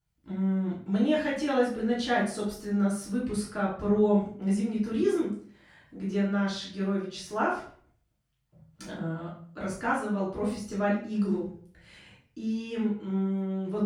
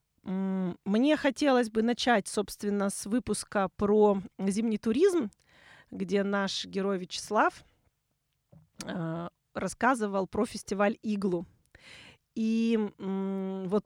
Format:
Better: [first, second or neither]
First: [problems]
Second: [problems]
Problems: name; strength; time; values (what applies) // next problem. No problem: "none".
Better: second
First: off-mic speech; far // room echo; noticeable; dies away in 0.5 s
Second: none